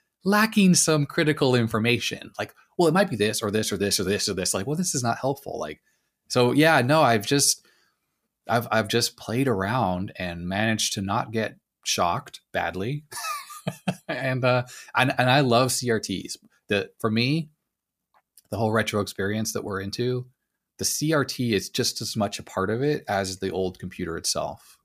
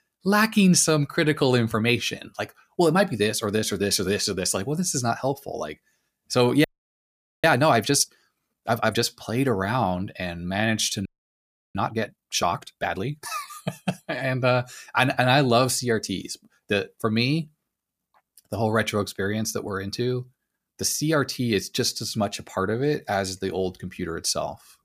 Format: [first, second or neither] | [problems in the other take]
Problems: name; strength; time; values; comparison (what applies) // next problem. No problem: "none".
first | audio freezing; at 6.5 s for 1 s and at 11 s for 0.5 s